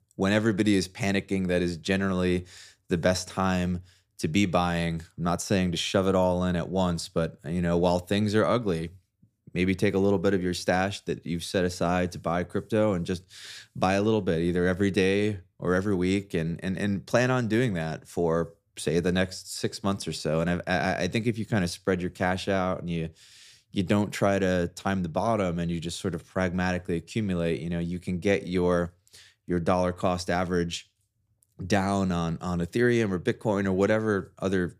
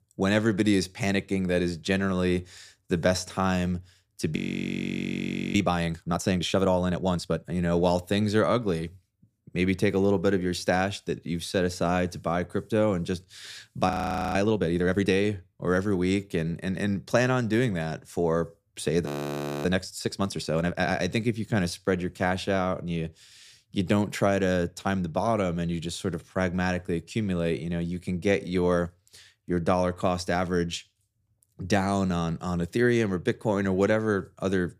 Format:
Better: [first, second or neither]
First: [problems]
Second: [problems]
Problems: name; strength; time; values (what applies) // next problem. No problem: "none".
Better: first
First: none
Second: audio freezing; at 4.5 s for 1 s, at 14 s and at 19 s for 0.5 s